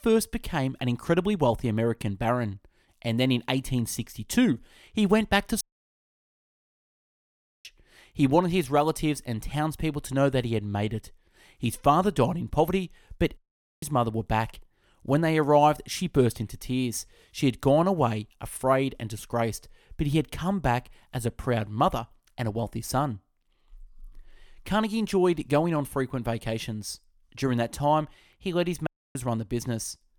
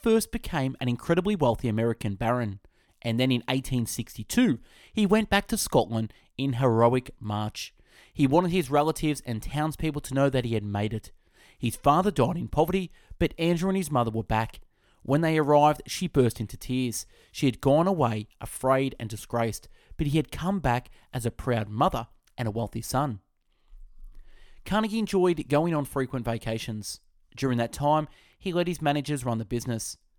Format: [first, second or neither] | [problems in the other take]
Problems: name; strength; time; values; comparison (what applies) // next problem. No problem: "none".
second | audio cutting out; at 5.5 s for 2 s, at 13 s and at 29 s